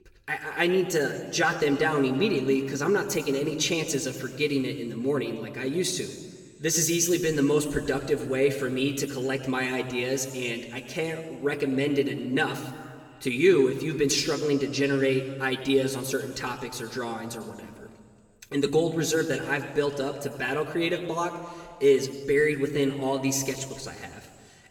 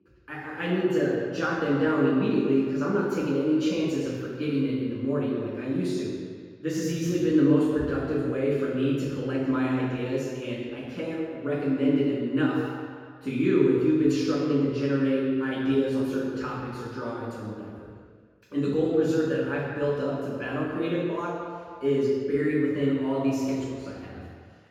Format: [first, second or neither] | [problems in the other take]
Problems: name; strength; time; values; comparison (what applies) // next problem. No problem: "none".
first | room echo; strong; dies away in 1.8 s; slight in the first // off-mic speech; far; somewhat distant in the first